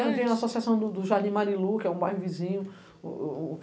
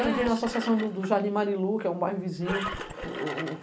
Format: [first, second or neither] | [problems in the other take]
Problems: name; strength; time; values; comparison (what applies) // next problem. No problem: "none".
first | background sound (Engine); 10 dB below the speech